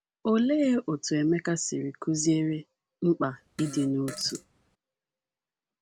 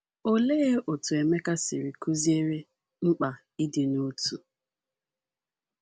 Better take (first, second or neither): second